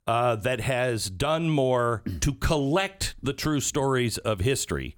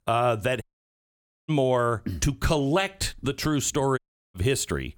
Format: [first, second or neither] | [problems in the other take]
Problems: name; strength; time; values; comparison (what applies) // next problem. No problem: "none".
first | audio cutting out; at 0.5 s for 1 s and at 4 s